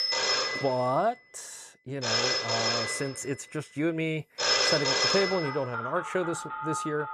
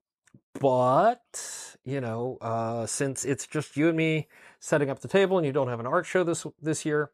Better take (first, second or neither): second